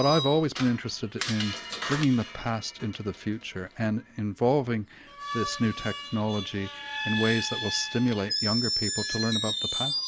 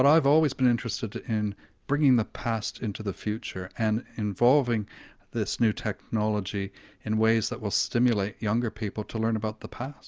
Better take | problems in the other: second | background sound (Screech); 6 dB below the speech

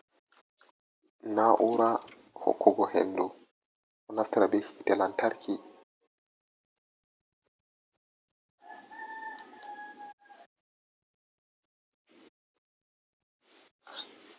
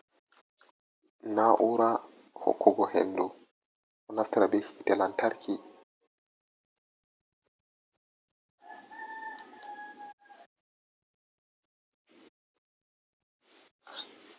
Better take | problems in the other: second | background sound (Splash, splatter); 19 dB below the speech

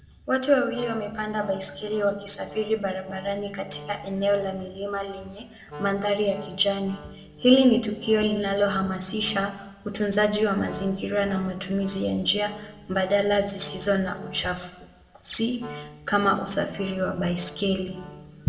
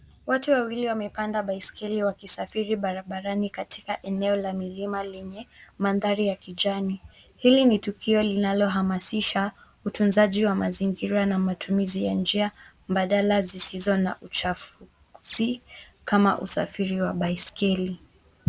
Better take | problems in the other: second | background sound (Wind instrument, woodwind instrument); 18 dB below the speech // room echo; dies away in 0.8 s

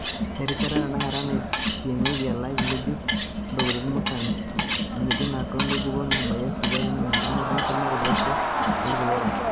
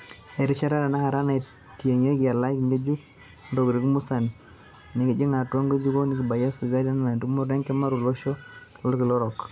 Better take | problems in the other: second | background sound (Crowd + Cutlery, silverware); 4 dB above the speech

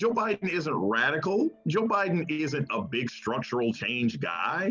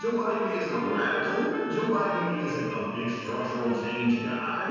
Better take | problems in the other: first | background sound (Trumpet); 12 dB below the speech // room echo; dies away in 1.9 s

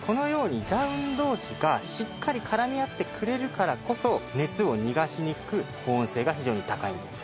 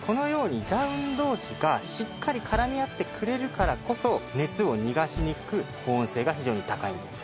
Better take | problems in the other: first | background sound (Bass drum); 10 dB below the speech

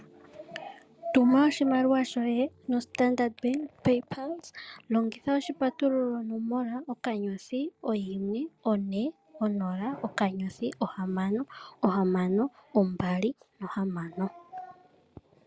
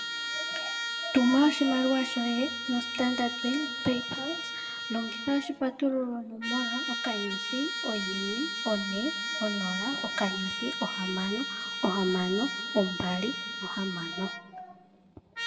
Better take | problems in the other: first | background sound (Trumpet); 4 dB below the speech // room echo; dies away in 1.3 s

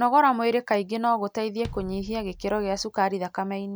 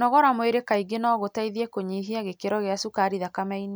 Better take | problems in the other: second | background sound (Bass drum); 17 dB below the speech

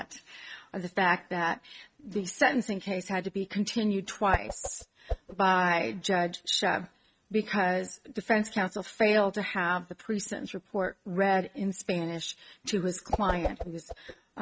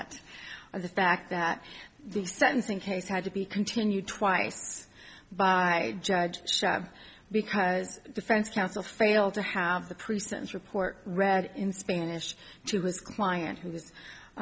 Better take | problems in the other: second | noise reduction (neural mask model RNNoise)

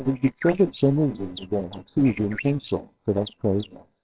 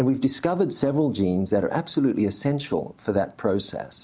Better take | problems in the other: second | noise reduction (neural separator model SepFormer WHAMR!)

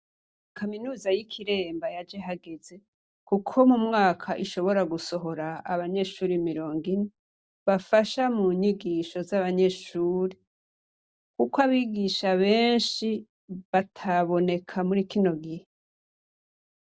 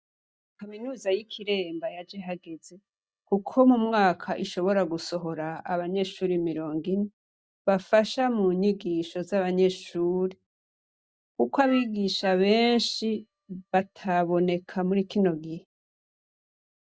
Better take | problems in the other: first | noise reduction (neural mask model DeepFilterNet 3)

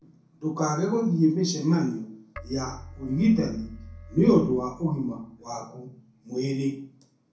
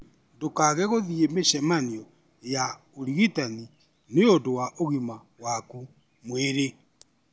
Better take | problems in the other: second | background sound (Keyboard (musical)); 18 dB below the speech // room echo; dies away in 0.6 s

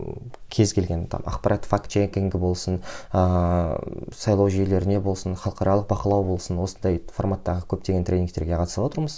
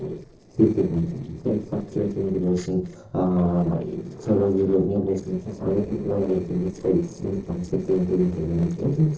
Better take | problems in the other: first | noise reduction (neural separator model SepFormer DNS4)

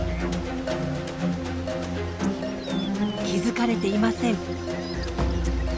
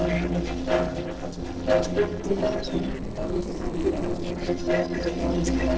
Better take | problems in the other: first | noise reduction (neural separator model SepFormer DNS4)

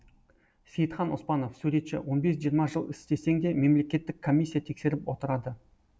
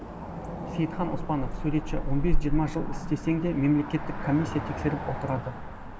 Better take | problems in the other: first | background sound (Cricket / Motor vehicle (road)); 1 dB below the speech

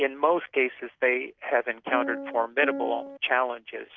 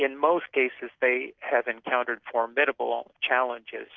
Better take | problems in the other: second | background sound (Piano); 6 dB below the speech

